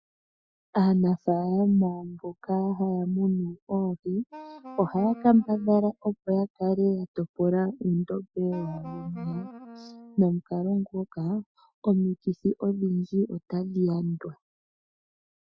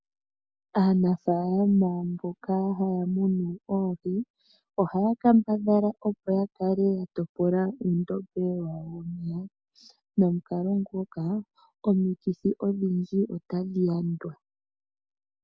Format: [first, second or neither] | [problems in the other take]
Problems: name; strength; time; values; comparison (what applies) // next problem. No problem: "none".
second | noise reduction (classical method Wiener filter)